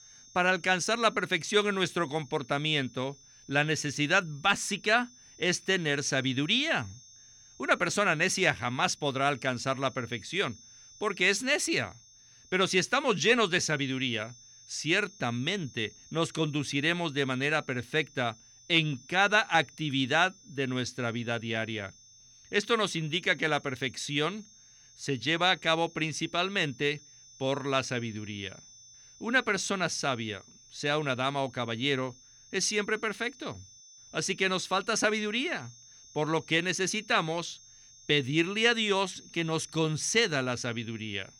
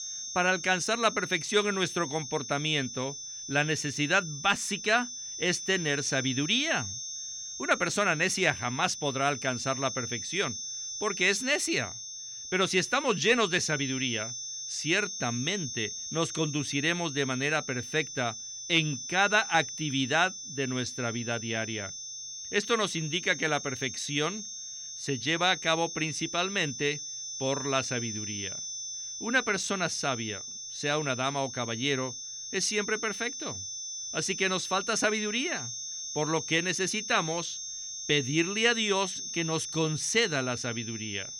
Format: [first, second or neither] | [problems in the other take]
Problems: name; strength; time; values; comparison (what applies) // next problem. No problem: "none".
first | high-pitched whine; loud; throughout; 6 kHz, 7 dB below the speech; faint in the first